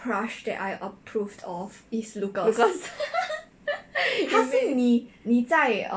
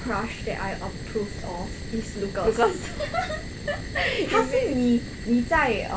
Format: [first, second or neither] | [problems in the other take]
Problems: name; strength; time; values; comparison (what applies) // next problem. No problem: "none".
first | background sound (Fire); 8 dB below the speech